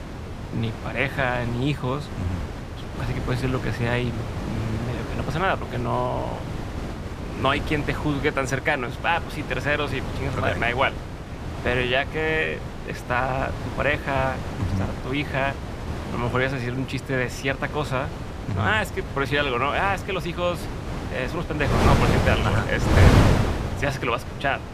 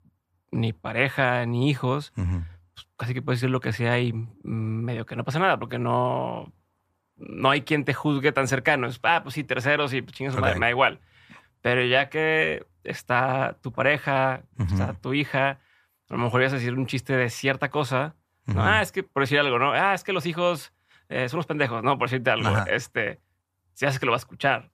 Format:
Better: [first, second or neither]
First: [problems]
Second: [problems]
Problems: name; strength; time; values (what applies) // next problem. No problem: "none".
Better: second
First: wind noise on the microphone; heavy; 7 dB below the speech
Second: none